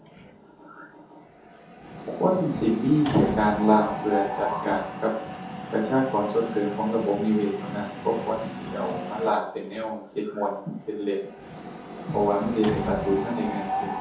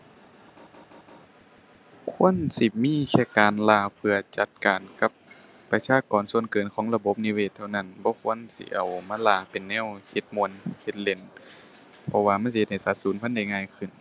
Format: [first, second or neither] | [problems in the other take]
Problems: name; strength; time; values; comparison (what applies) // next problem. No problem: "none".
second | background sound (Mechanisms); 8 dB below the speech // room echo; dies away in 0.6 s